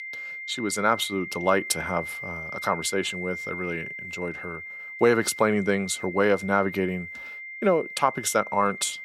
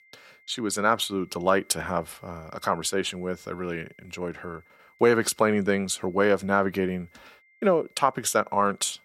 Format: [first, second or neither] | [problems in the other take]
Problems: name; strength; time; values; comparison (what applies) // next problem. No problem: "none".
second | high-pitched whine; loud; throughout; 2 kHz, 9 dB below the speech; faint in the second